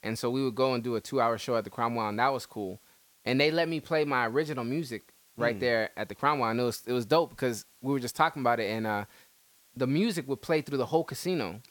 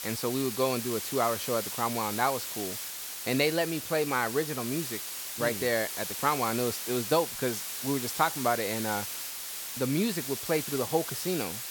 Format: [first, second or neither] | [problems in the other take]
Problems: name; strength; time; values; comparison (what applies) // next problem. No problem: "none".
first | hiss; loud; throughout; 4 dB below the speech; faint in the first